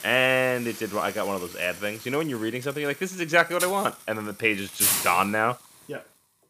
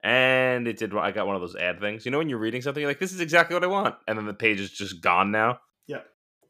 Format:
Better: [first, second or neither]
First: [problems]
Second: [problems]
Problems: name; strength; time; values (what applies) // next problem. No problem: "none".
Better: second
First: hiss; loud; throughout; 4 dB below the speech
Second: none